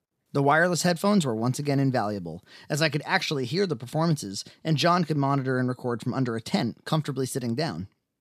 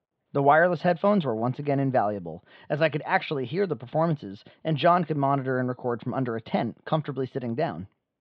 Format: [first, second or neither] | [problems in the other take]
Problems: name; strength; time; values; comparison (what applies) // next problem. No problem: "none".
first | muffled; very; fading above 3.5 kHz